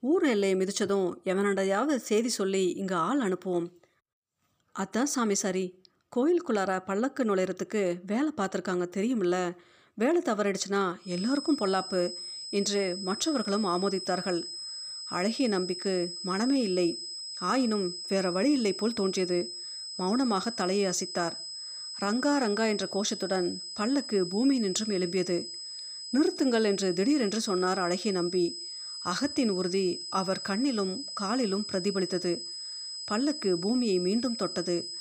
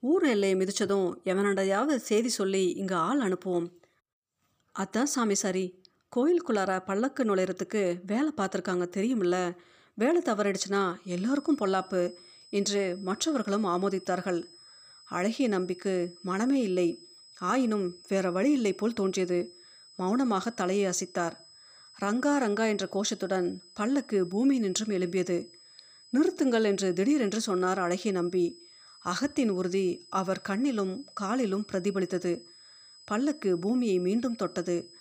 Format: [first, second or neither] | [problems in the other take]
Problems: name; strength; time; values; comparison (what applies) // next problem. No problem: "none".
second | high-pitched whine; loud; from 11 s on; 5 kHz, 7 dB below the speech; faint in the second